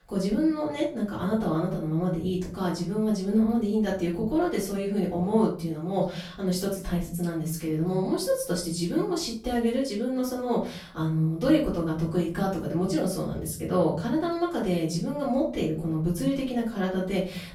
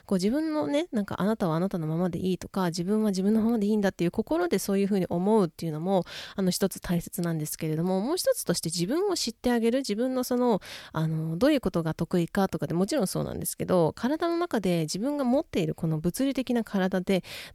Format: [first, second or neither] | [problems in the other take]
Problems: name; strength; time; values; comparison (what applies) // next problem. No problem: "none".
second | off-mic speech; far // room echo; slight; dies away in 0.5 s